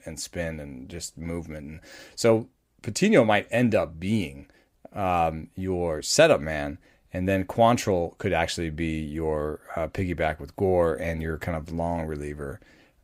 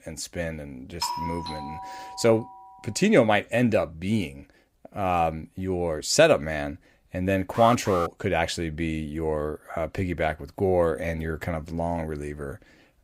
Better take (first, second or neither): first